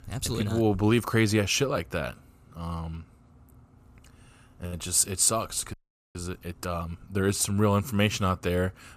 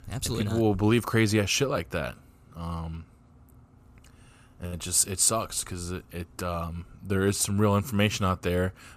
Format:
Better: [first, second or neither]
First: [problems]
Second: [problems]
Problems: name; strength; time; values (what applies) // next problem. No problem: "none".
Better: second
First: audio freezing; at 5.5 s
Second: none